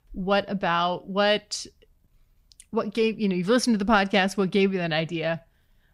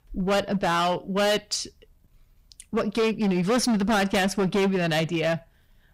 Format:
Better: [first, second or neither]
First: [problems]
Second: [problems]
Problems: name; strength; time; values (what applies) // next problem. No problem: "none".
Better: first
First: none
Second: distortion; heavy; 15% of the sound clipped